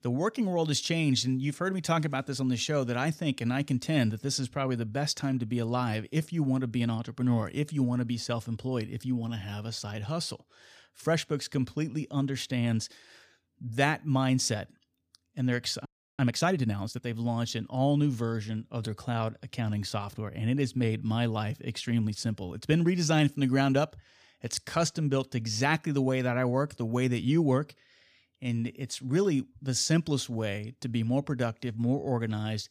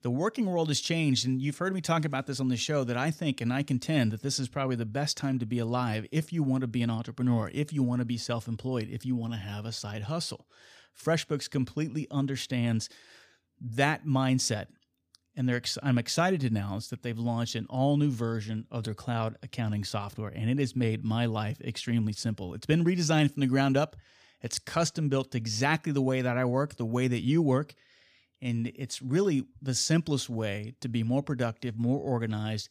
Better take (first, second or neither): second